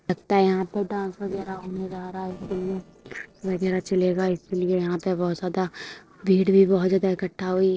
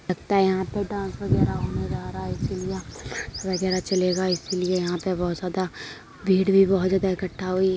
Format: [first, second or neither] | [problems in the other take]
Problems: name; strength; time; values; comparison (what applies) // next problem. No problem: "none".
second | noise reduction (neural separator model SepFormer DNS4)